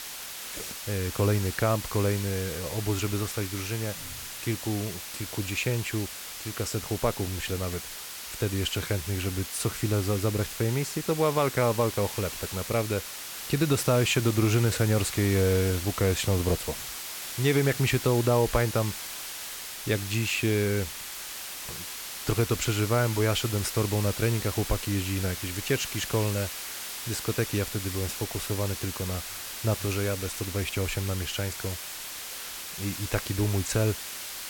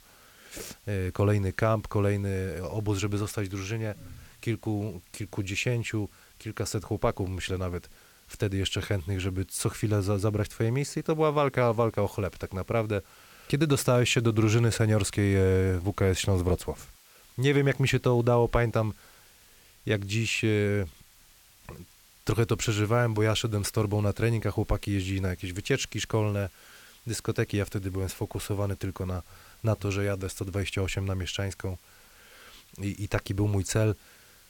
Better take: second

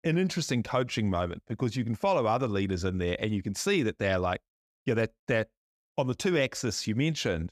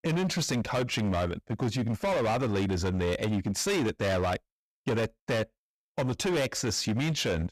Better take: first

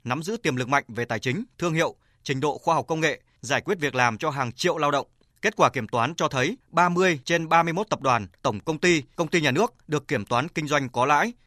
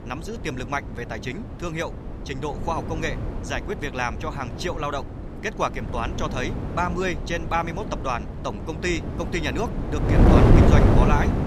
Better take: first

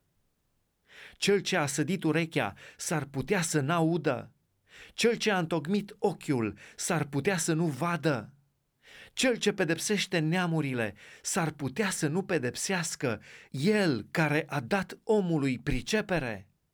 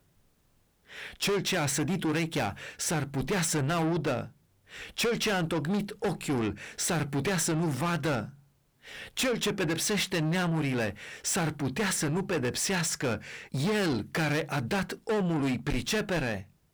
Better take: first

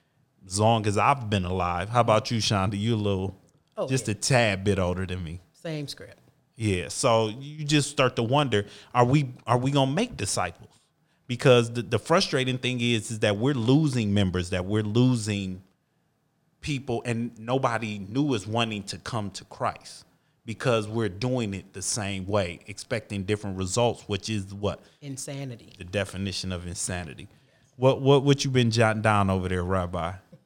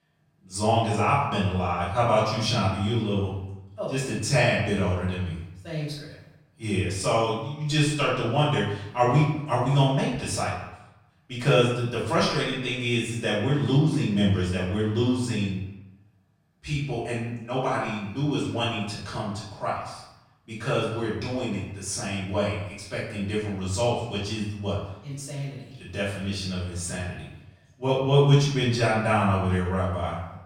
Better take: first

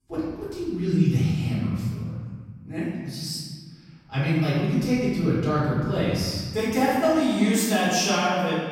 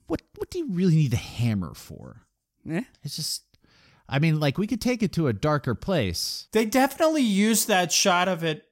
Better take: second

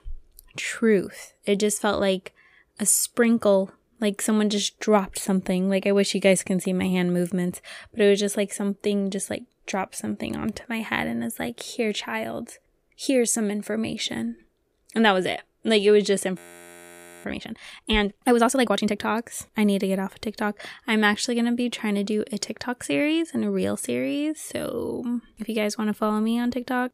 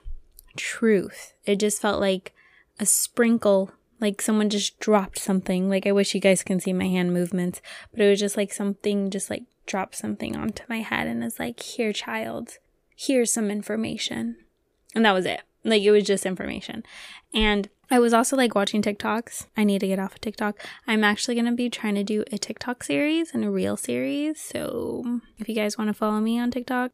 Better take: second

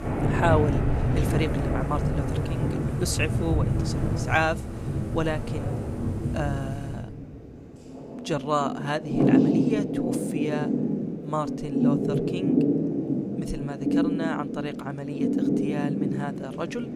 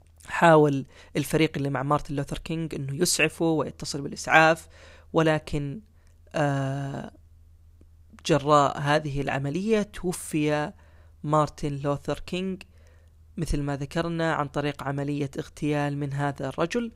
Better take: second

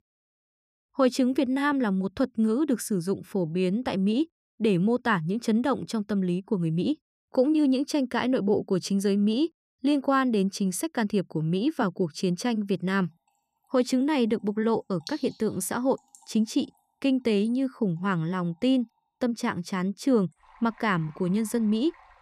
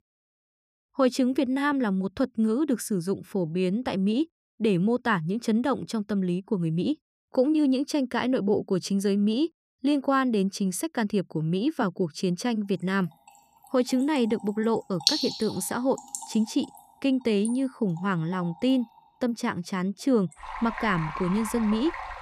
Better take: first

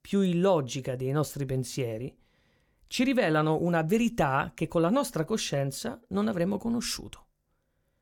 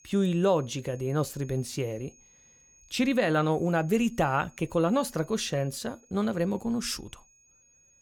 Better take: first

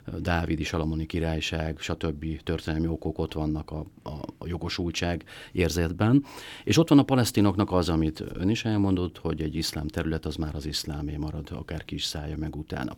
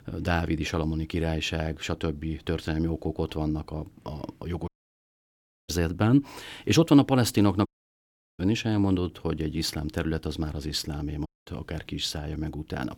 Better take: first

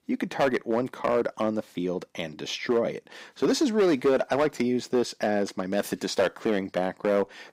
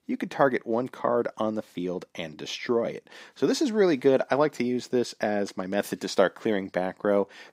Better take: second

